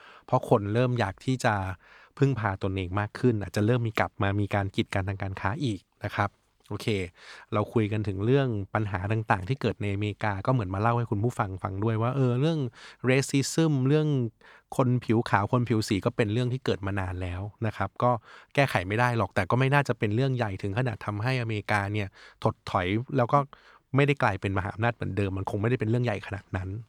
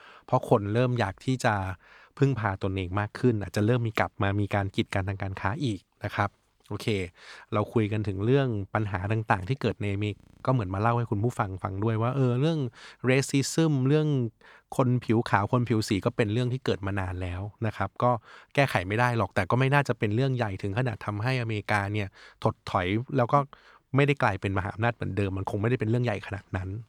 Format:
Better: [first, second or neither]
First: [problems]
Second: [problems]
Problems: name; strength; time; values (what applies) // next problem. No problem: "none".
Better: first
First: none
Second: audio freezing; at 10 s